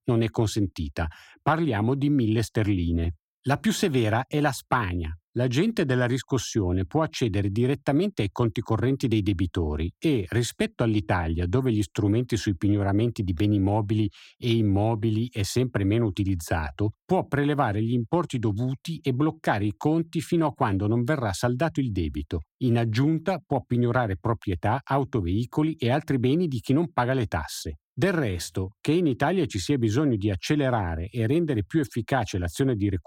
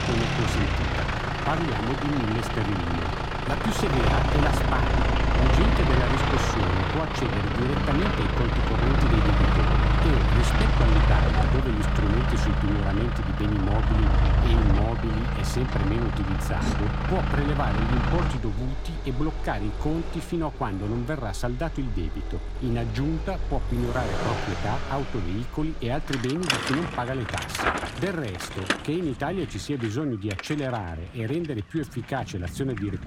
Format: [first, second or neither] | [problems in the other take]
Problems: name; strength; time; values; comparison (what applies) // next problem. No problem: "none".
first | traffic noise; very loud; throughout; 4 dB above the speech